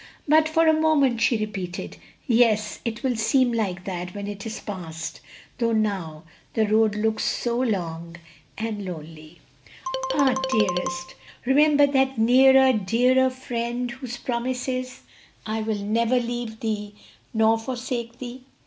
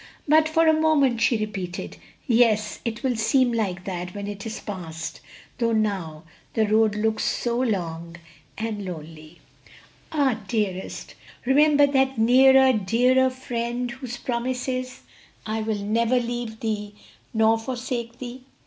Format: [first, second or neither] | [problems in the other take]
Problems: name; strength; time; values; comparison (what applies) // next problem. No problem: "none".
second | background sound (Marimba, xylophone); 4 dB below the speech